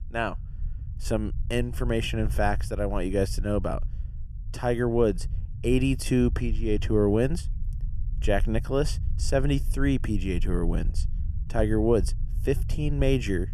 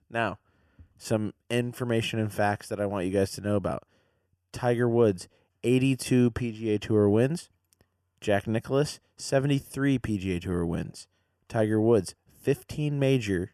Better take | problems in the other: second | low rumble; faint; throughout; 20 dB below the speech

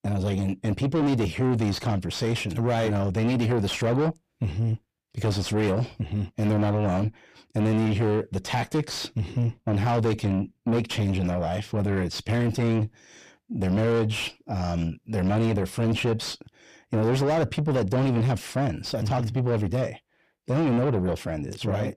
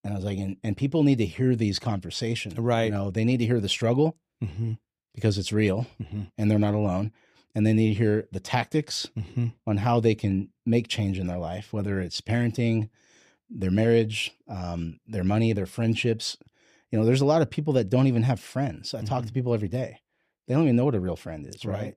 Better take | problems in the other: second | distortion; heavy; 7 dB below the speech

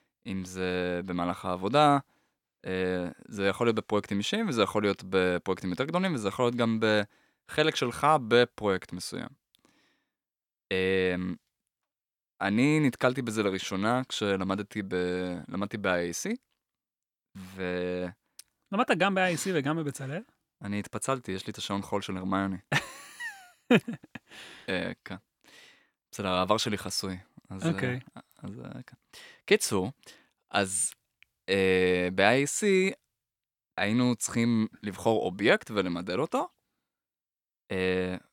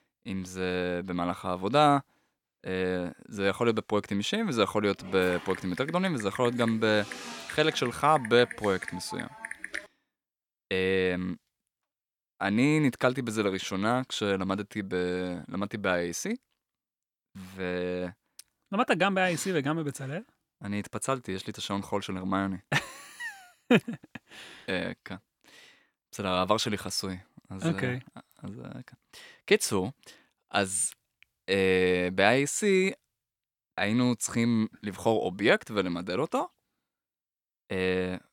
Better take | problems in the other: first | keyboard typing; noticeable; from 5 to 10 s; peak 8 dB below the speech

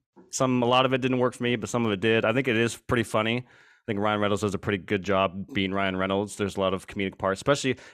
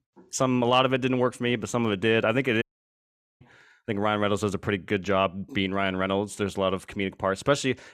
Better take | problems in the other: first | audio cutting out; at 2.5 s for 1 s

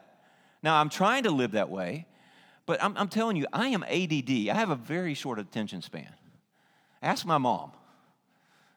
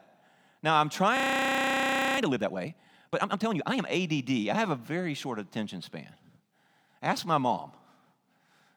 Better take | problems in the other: first | audio freezing; at 1 s for 1 s

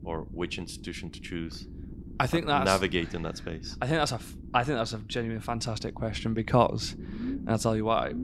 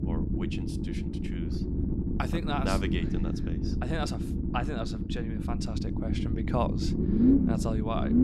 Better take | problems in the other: first | low rumble; loud; throughout; 1 dB below the speech; faint in the first

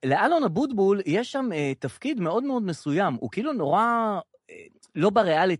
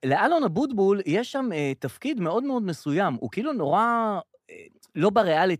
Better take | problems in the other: second | garbled, watery; slightly; nothing above 11 kHz

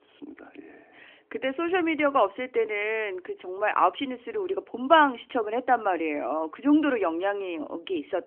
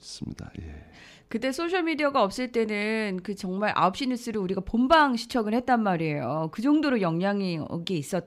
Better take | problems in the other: second | phone-call audio; nothing above 3 kHz

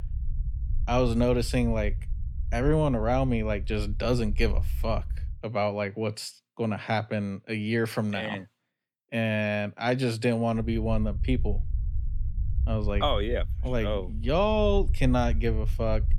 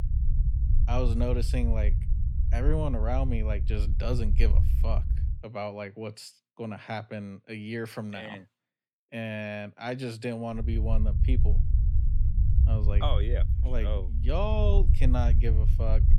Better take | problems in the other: first | low rumble; loud; until 5.5 s and from 11 s on; 10 dB below the speech; faint in the first

